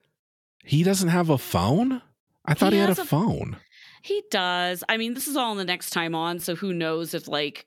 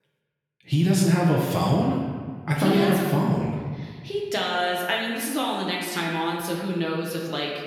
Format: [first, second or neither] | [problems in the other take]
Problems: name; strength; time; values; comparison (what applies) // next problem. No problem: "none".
first | room echo; noticeable; dies away in 1.5 s // off-mic speech; far